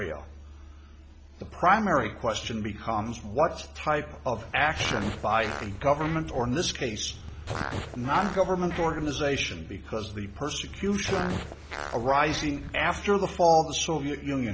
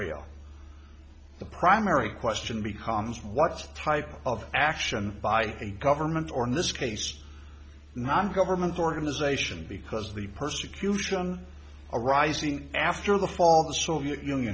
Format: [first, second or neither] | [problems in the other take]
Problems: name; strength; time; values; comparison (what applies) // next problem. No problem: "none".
second | background sound (Fart); 9 dB below the speech